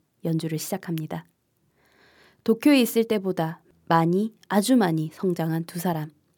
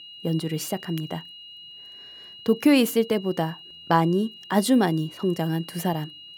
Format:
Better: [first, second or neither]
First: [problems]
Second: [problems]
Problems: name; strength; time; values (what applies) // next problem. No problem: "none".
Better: first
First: none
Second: high-pitched whine; noticeable; throughout; 3 kHz, 15 dB below the speech